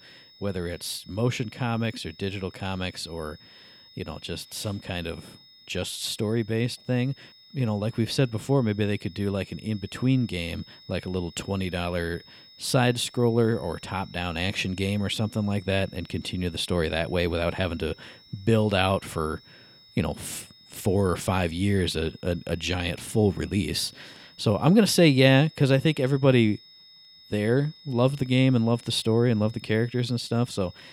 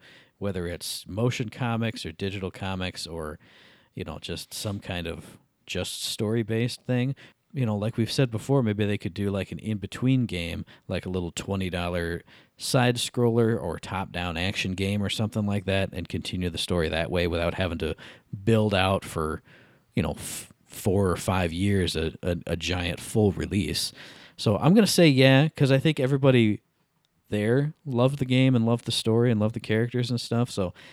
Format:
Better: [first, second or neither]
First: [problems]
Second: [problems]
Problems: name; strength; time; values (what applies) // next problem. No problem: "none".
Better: second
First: high-pitched whine; faint; throughout; 5 kHz, 25 dB below the speech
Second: none